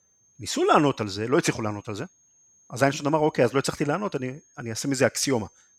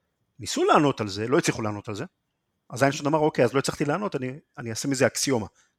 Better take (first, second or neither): second